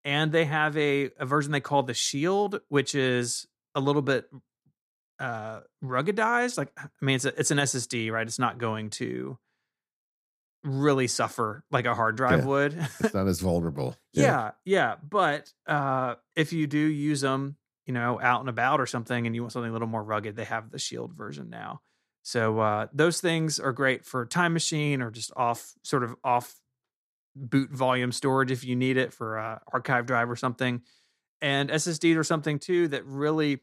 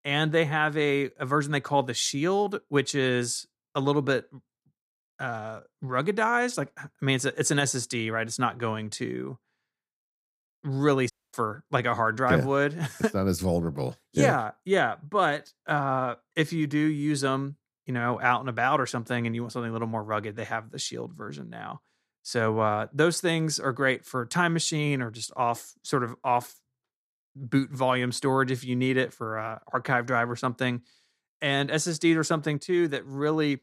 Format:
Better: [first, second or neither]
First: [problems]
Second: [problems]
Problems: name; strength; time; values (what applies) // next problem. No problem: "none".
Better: first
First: none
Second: audio cutting out; at 11 s